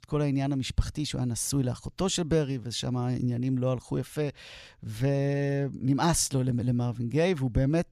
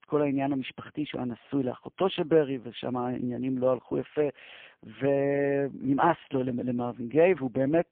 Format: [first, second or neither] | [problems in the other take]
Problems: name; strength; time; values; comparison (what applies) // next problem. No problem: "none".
first | phone-call audio; poor line; nothing above 3.5 kHz